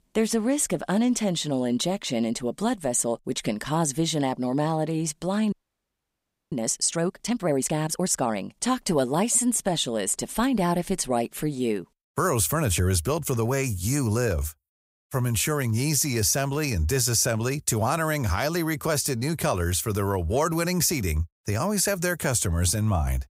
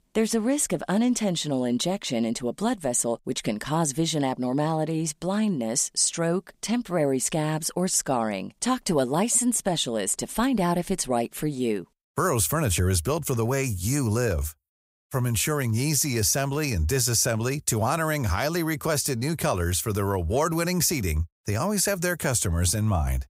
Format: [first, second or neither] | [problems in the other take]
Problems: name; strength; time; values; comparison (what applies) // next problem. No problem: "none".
second | audio freezing; at 5.5 s for 1 s